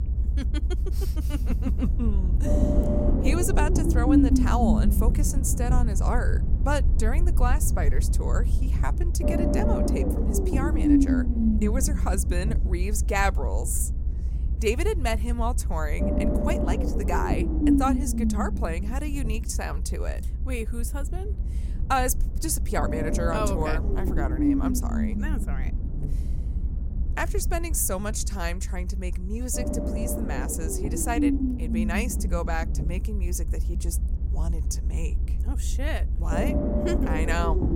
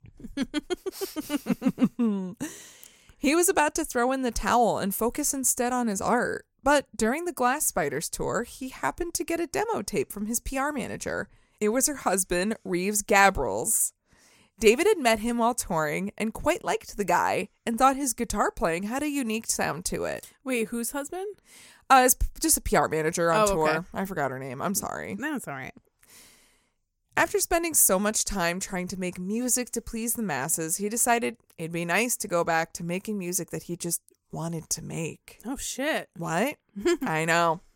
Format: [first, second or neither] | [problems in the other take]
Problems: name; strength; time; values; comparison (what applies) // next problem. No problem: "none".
second | low rumble; loud; throughout; 1 dB below the speech